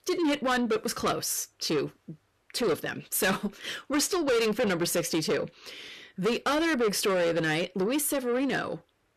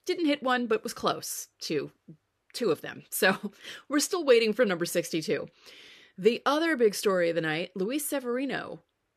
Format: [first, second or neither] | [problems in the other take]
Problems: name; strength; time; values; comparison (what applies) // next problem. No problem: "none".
second | distortion; heavy; 6 dB below the speech